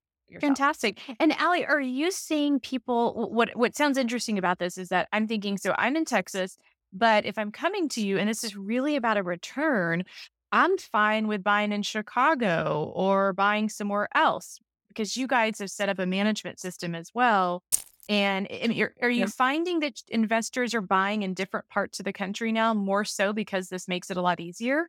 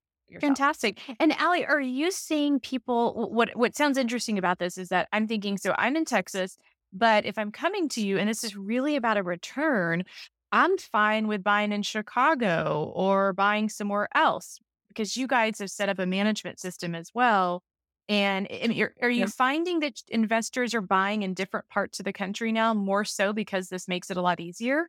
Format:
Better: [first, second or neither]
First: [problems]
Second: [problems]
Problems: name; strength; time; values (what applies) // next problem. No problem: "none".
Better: second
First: jangling keys; noticeable; at 18 s; peak 1 dB below the speech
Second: none